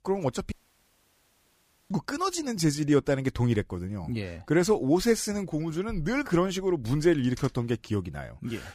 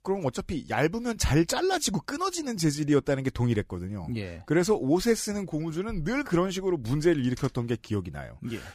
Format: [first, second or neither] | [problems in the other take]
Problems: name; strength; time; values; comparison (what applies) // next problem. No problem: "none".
second | audio cutting out; at 0.5 s for 1.5 s